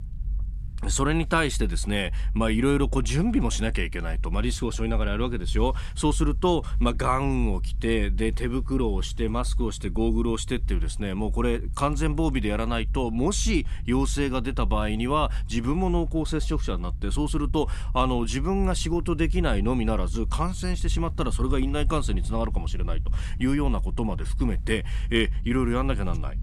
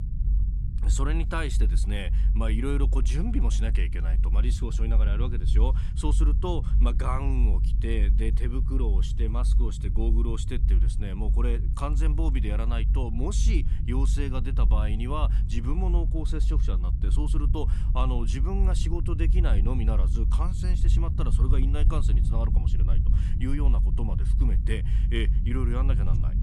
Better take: first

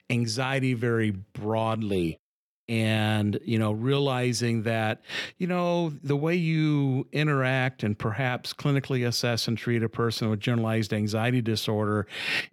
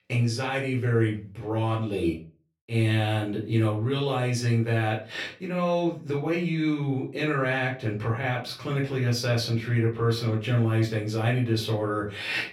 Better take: first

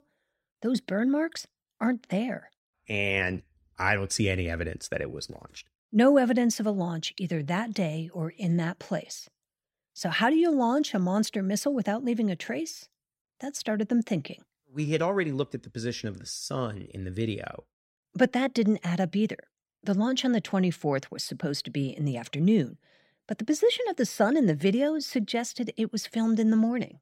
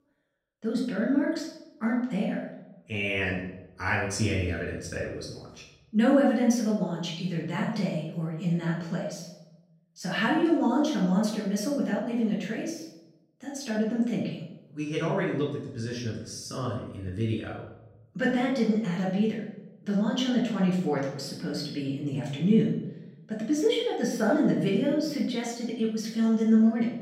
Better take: first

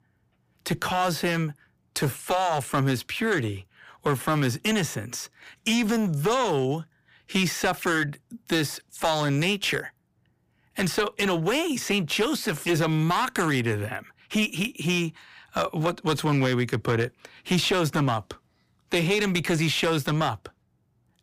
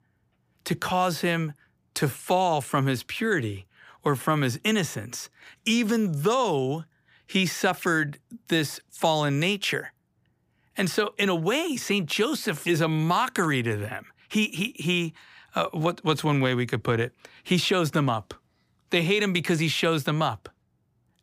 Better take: second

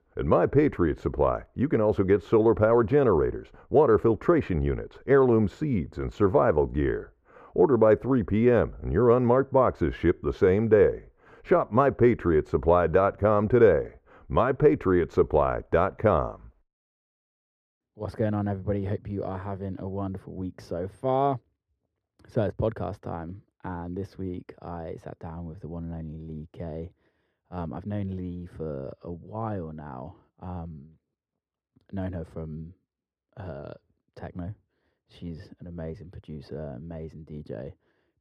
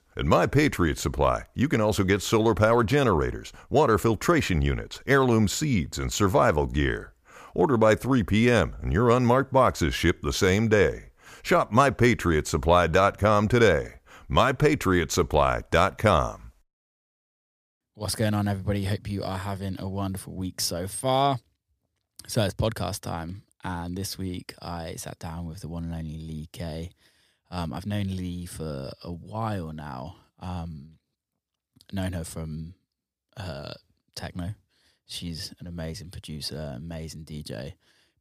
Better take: second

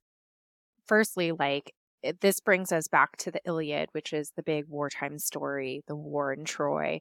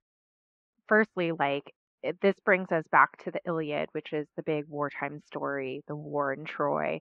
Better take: first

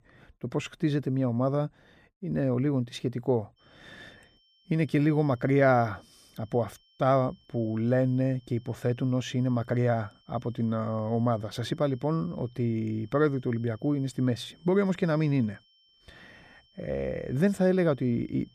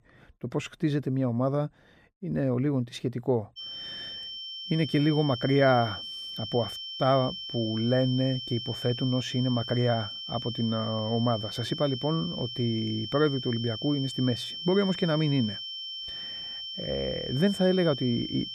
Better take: first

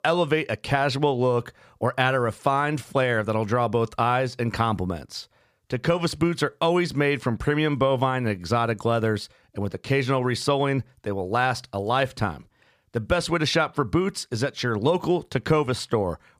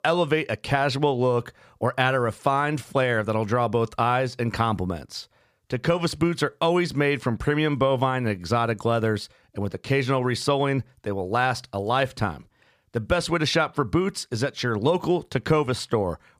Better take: neither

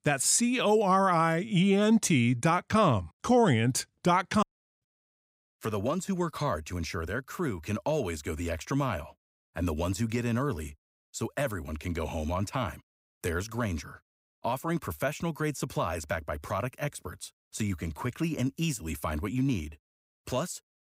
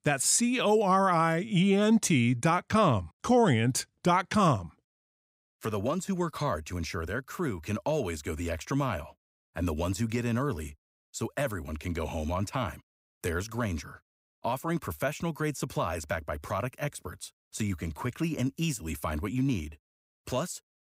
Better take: second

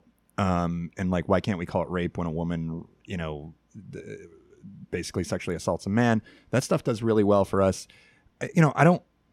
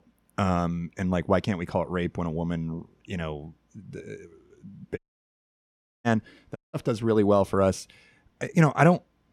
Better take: first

